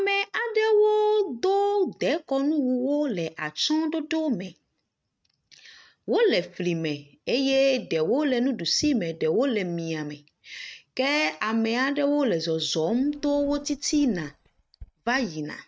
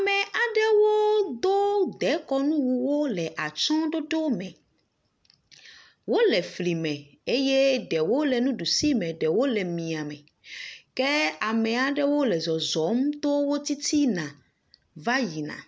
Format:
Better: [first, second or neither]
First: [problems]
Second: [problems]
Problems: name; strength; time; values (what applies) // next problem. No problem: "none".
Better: second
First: noise reduction (neural mask model RNNoise)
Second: none